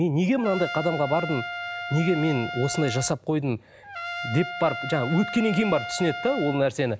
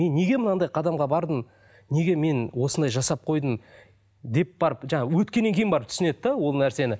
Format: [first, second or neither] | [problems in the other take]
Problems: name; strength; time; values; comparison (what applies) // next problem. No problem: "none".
second | background sound (Trumpet); 9 dB below the speech